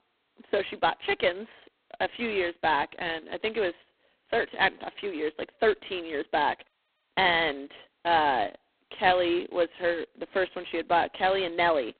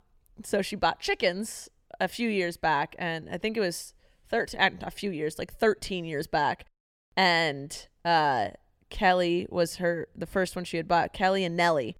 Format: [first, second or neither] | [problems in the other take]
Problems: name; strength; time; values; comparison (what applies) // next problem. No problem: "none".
second | phone-call audio; poor line; nothing above 4 kHz